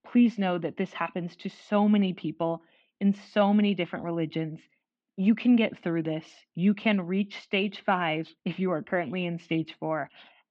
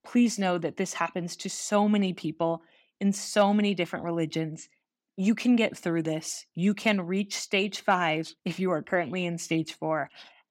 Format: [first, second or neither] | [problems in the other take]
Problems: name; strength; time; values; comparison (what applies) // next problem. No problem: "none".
second | muffled; very; fading above 3 kHz